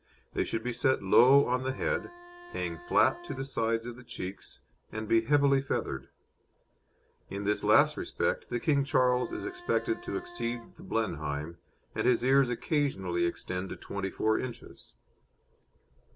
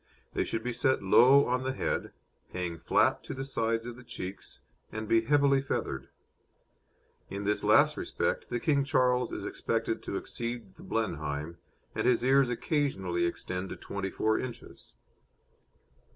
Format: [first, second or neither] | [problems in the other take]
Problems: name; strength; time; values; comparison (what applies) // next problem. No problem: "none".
second | background sound (Bowed string instrument); 19 dB below the speech